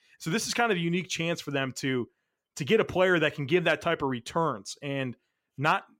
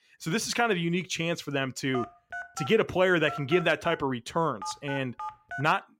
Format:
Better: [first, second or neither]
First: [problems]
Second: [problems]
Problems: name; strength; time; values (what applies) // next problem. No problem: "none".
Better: first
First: none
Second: phone ringing; noticeable; from 2 s on; peak 10 dB below the speech